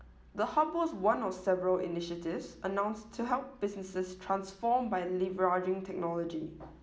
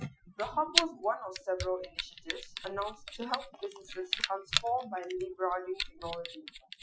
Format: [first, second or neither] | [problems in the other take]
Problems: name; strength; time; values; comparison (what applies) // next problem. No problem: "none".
first | noise reduction (classical method Wiener filter)